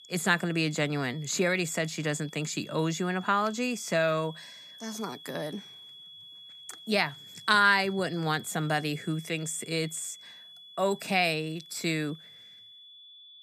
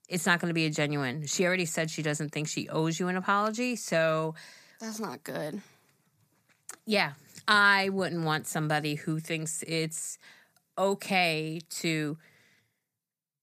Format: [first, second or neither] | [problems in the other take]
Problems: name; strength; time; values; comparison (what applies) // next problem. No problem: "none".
second | high-pitched whine; noticeable; throughout; 3.5 kHz, 20 dB below the speech